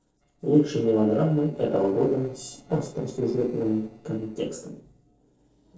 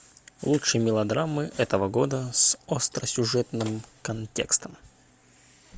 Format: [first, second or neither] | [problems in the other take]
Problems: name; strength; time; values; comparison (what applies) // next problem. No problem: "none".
second | noise reduction (neural separator model SepFormer DNS4)